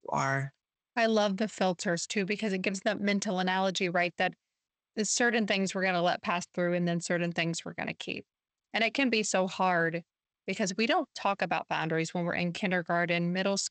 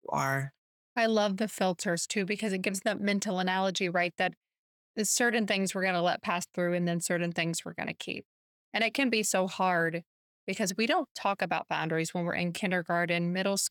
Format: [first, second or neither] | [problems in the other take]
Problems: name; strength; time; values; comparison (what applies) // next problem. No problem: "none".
second | garbled, watery; slightly; nothing above 8 kHz